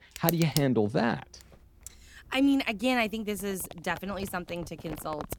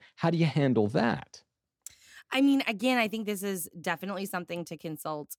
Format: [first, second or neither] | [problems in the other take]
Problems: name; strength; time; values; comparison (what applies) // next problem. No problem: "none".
second | household noises; loud; throughout; 9 dB below the speech